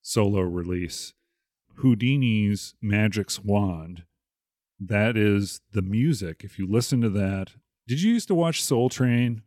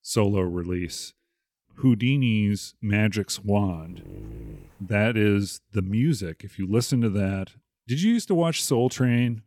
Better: first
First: none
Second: dog barking; faint; at 3.5 s; peak 15 dB below the speech

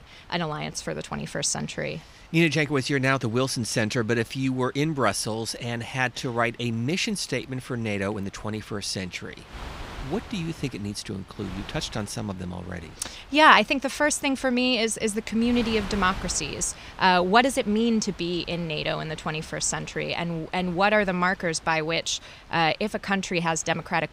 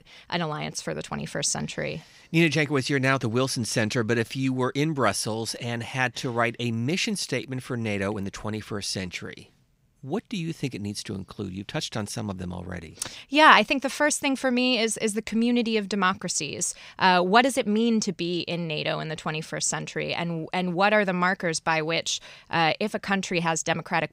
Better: second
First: wind noise on the microphone; occasional gusts; 20 dB below the speech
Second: none

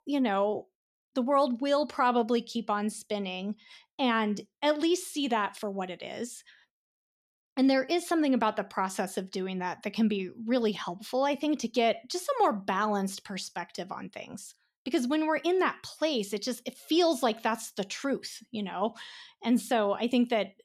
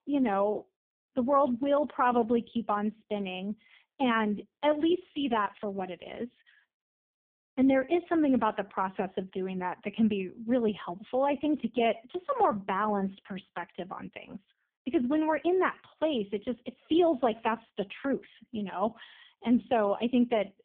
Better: first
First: none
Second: phone-call audio; poor line; nothing above 3.5 kHz

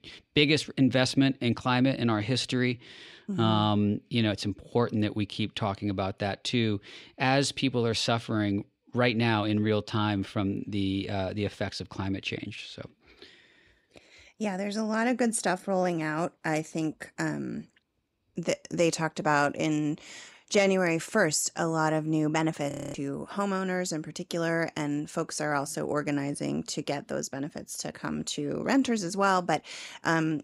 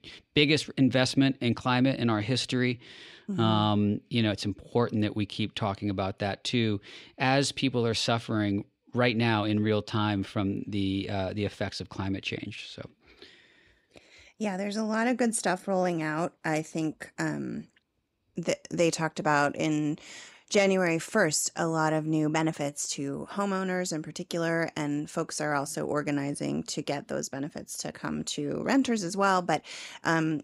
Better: second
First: audio freezing; at 23 s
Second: none

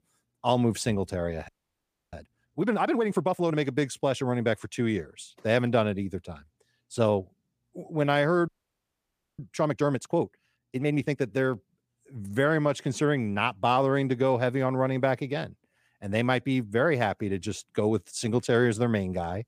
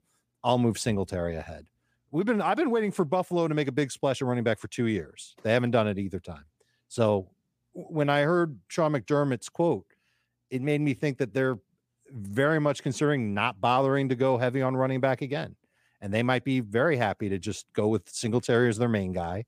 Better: second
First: audio freezing; at 1.5 s for 0.5 s and at 8.5 s for 1 s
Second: none

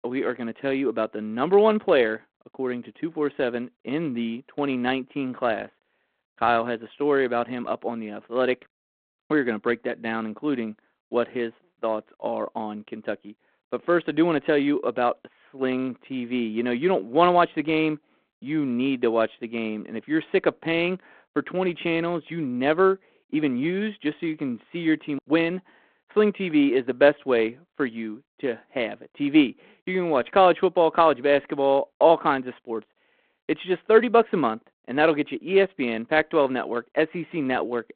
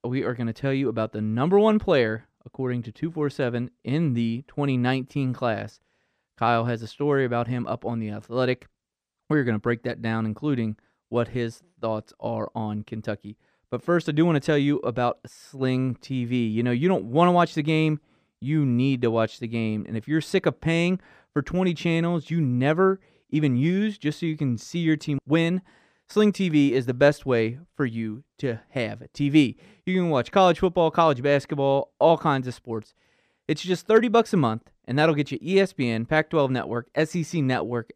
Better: second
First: phone-call audio; nothing above 3.5 kHz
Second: none

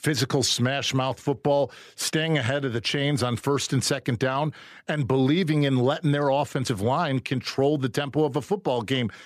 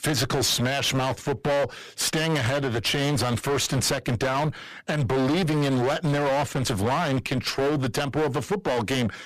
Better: first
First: none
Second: distortion; heavy; 28% of the sound clipped

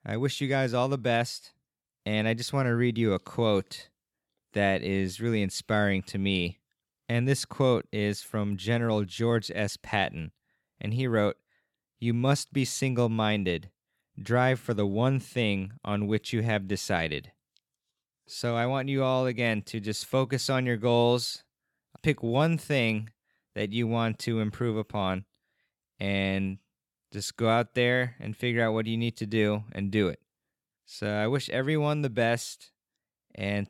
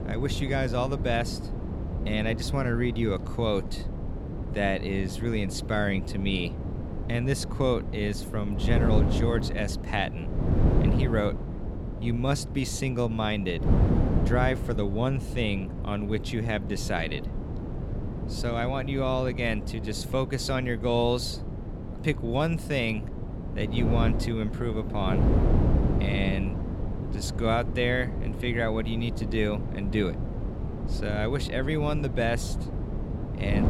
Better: first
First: none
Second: wind noise on the microphone; heavy; 8 dB below the speech

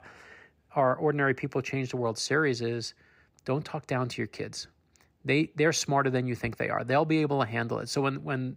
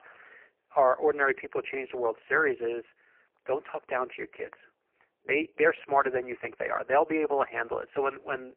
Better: first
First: none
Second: phone-call audio; poor line; nothing above 3 kHz

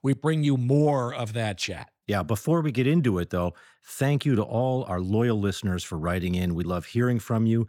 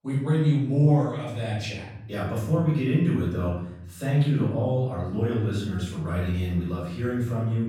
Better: first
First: none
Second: off-mic speech; far // room echo; noticeable; dies away in 0.8 s

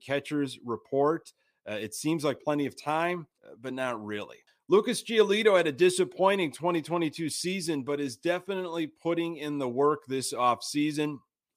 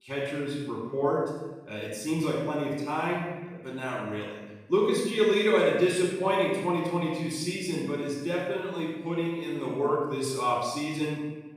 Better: first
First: none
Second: off-mic speech; far // room echo; noticeable; dies away in 1.2 s

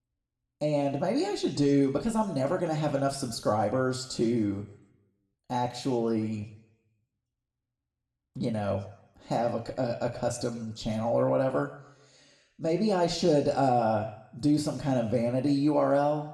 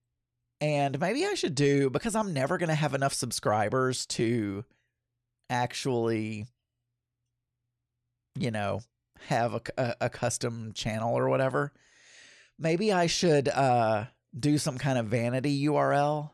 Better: second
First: room echo; slight; dies away in 0.6 s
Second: none

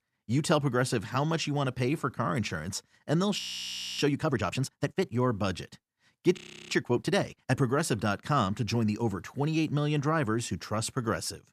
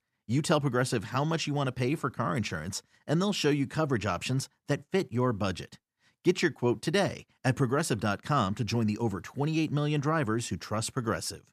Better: second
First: audio freezing; at 3.5 s for 0.5 s and at 6.5 s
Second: none

